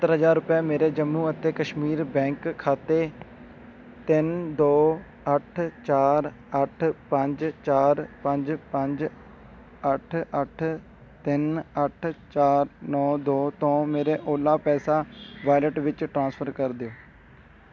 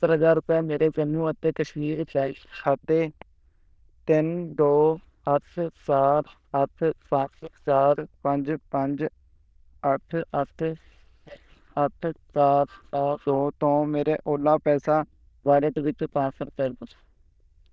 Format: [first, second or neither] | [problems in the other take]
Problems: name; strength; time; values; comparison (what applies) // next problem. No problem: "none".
first | noise reduction (neural diffusion model UNIVERSE++)